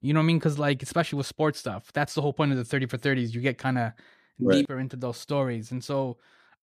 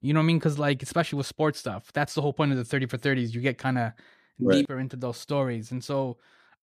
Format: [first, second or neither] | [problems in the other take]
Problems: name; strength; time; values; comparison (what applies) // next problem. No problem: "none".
neither | none